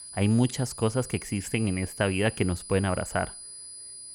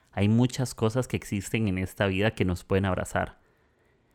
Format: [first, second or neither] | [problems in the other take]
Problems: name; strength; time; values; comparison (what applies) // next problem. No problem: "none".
second | high-pitched whine; noticeable; throughout; 10 kHz, 10 dB below the speech